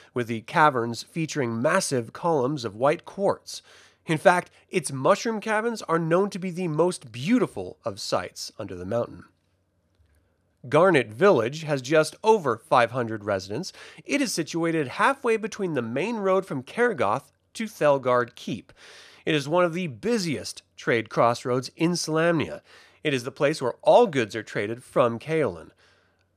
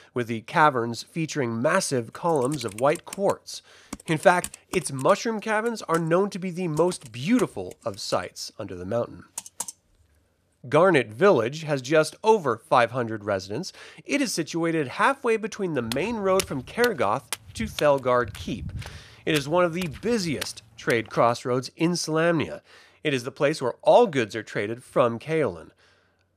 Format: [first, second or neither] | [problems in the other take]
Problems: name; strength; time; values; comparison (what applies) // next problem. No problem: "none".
first | keyboard typing; noticeable; from 2.5 to 9.5 s; peak 8 dB below the speech // footsteps; noticeable; from 16 to 21 s; peak 7 dB below the speech